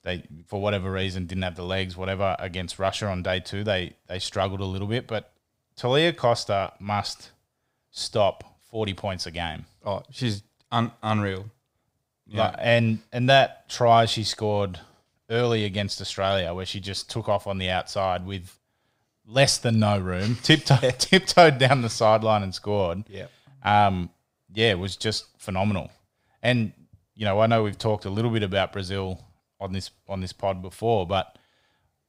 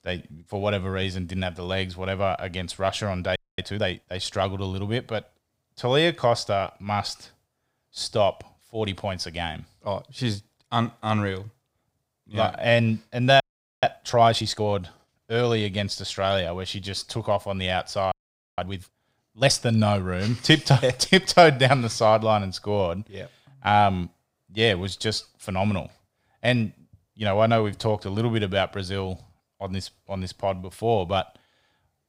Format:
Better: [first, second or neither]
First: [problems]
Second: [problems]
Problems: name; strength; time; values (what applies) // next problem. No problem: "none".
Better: first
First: none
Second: audio freezing; at 3.5 s, at 13 s and at 18 s